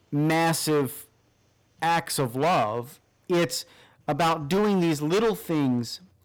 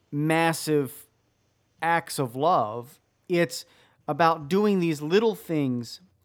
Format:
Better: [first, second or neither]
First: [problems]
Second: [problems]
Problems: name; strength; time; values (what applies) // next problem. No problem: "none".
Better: second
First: distortion; heavy; 14% of the sound clipped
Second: none